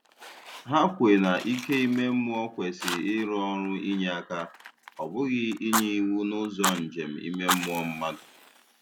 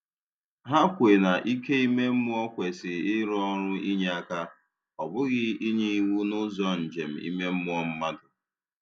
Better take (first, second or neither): second